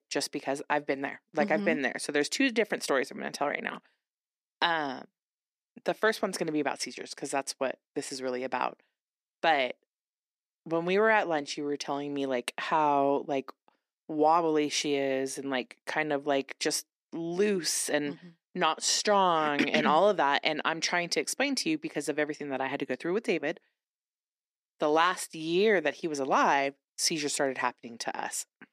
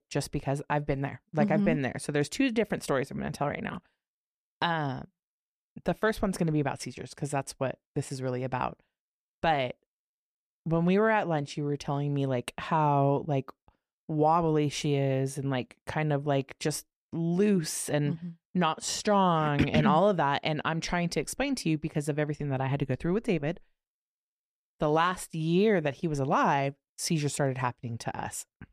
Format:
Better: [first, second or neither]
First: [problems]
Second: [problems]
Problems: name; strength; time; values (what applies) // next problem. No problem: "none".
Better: second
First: thin; very slightly; fading below 250 Hz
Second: none